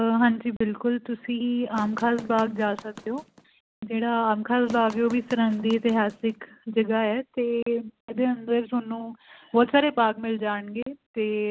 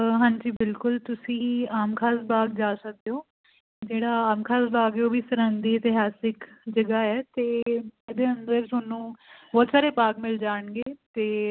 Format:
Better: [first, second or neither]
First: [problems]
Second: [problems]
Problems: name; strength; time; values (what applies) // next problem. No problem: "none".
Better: second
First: background sound (Run); 18 dB below the speech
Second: none